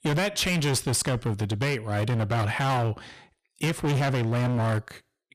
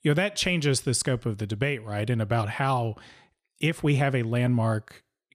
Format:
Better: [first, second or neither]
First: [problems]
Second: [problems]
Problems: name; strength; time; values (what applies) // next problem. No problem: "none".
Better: second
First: distortion; heavy; 28% of the sound clipped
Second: none